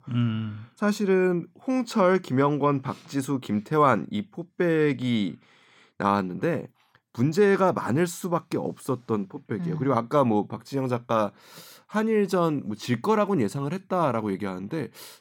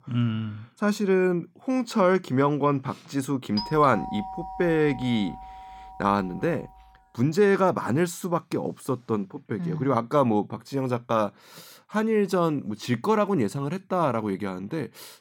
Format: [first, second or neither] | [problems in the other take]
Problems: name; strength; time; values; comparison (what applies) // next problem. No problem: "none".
first | doorbell; noticeable; from 3.5 to 6.5 s; peak 8 dB below the speech